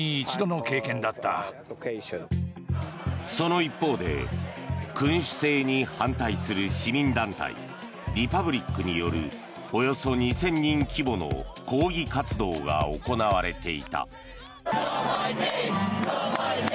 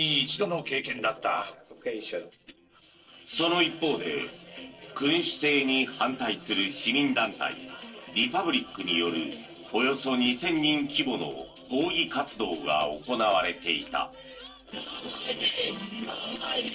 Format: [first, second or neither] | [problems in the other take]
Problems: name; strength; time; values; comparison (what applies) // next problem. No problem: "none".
first | noise reduction (neural separator model SepFormer DNS4)